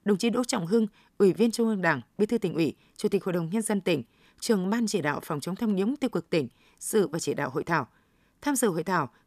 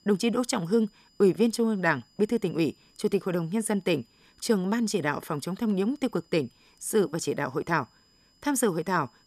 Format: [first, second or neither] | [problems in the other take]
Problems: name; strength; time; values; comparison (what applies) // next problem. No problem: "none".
first | high-pitched whine; faint; throughout; 5 kHz, 35 dB below the speech